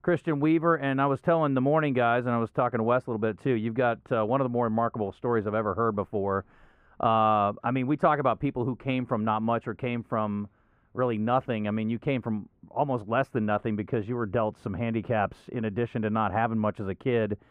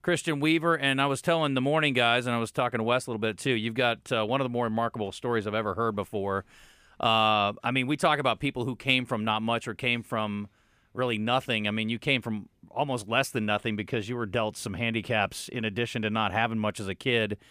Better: second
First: muffled; very; fading above 2.5 kHz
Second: none

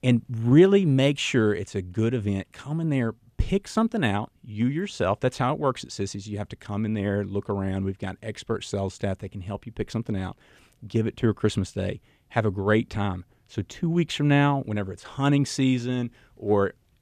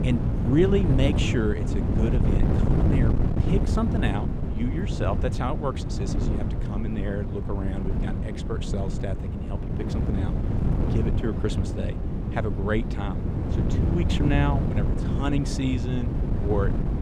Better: first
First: none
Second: wind noise on the microphone; heavy; 3 dB below the speech

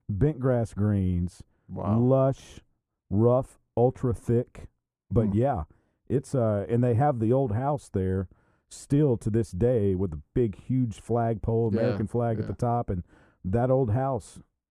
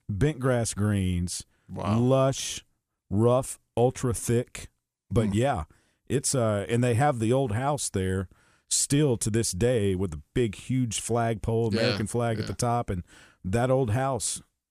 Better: second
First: muffled; very; fading above 2 kHz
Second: none

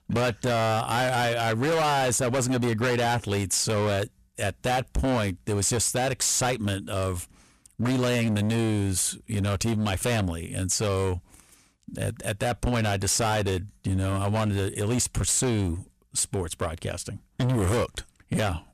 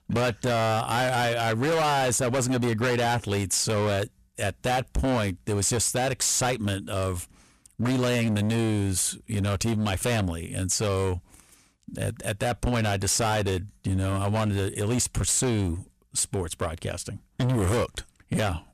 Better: neither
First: distortion; heavy; 21% of the sound clipped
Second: distortion; heavy; 21% of the sound clipped

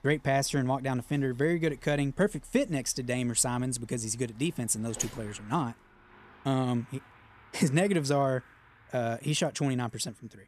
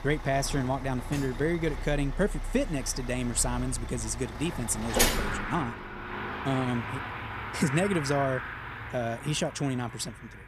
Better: first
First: traffic noise; faint; throughout; 25 dB below the speech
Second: traffic noise; loud; throughout; 5 dB below the speech

